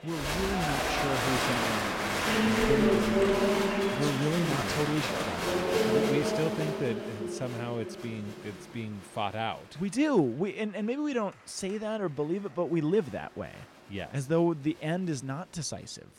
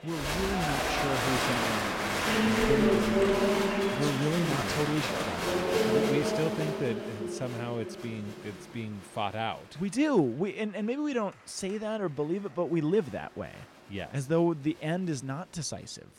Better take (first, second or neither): neither